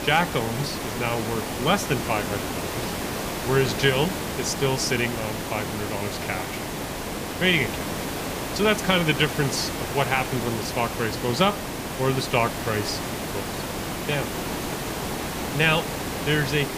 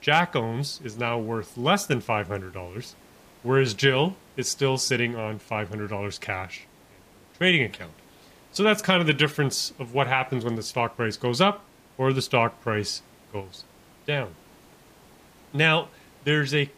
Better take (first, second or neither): second